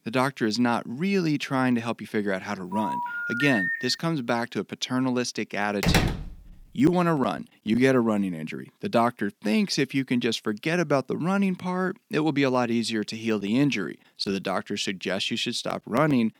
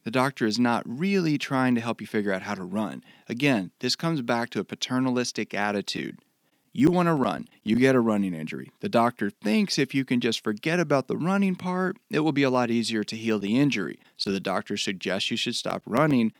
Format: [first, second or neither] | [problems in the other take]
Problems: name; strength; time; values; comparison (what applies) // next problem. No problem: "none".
second | phone ringing; loud; from 2.5 to 4 s; peak level with the speech // door banging; loud; at 6 s; peak 2 dB above the speech